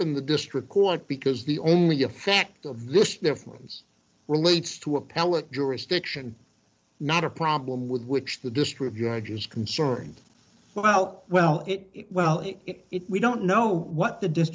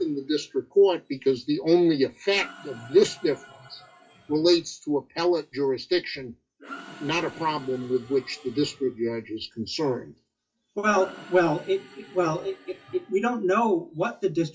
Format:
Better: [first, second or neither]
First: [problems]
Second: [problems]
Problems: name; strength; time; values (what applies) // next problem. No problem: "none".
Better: first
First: none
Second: noise reduction (classical method WPE with log-MMSE)